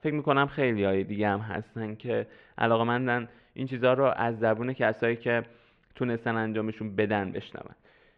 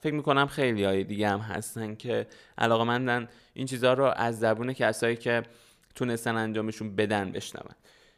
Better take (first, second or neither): second